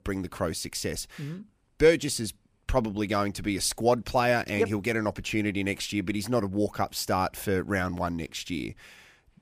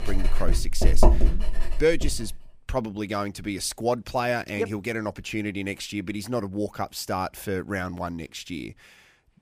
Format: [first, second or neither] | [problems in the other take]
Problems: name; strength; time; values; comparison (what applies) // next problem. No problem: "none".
first | household noises; very loud; until 2 s; 2 dB above the speech